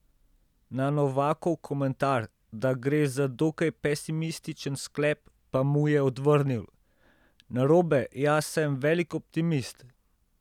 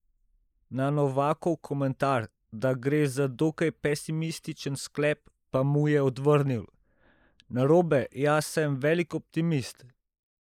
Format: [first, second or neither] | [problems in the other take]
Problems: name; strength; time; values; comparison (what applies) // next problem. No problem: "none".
first | noise reduction (neural mask model Resemble Enhance denoiser)